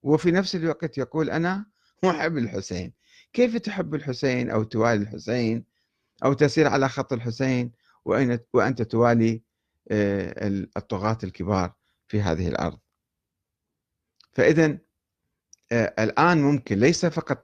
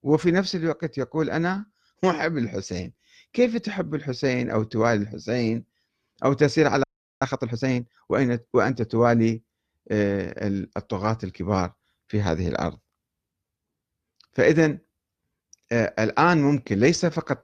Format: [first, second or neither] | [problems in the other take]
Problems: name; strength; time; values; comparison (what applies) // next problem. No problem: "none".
first | audio freezing; at 7 s